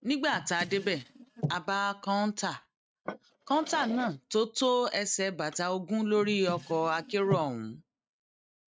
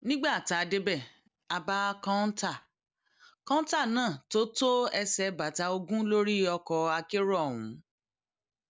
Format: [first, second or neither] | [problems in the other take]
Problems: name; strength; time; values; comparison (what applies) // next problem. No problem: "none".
second | noise reduction (neural mask model RNNoise)